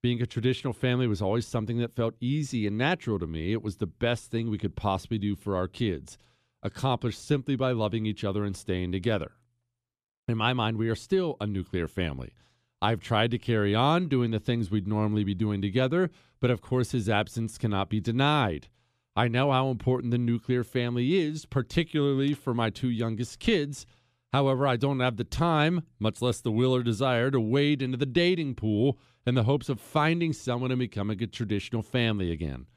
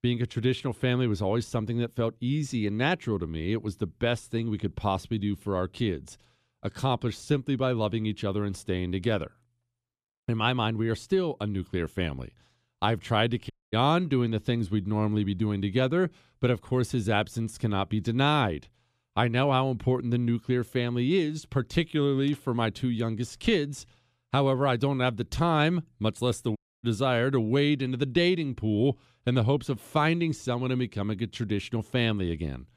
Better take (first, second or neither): first